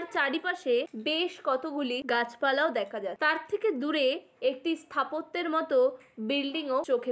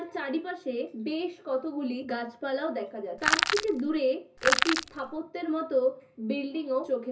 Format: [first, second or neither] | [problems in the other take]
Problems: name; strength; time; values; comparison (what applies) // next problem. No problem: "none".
first | background sound (Crushing); 2 dB above the speech // room echo; dies away in 0.4 s